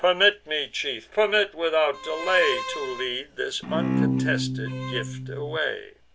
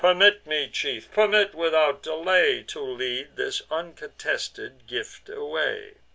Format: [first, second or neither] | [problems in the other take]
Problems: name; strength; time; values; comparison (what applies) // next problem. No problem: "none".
second | background sound (Bowed string instrument); 2 dB below the speech